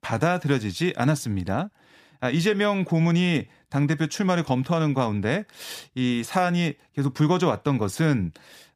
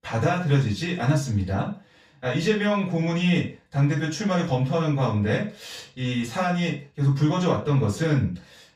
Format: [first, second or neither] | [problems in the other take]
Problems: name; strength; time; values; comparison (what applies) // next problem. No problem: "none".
first | room echo; noticeable; dies away in 0.3 s // off-mic speech; far